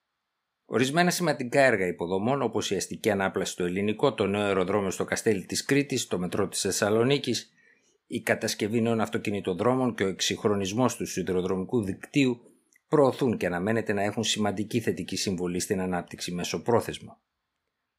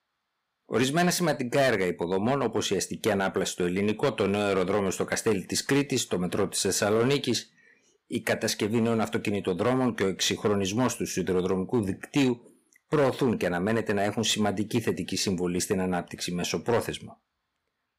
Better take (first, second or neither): first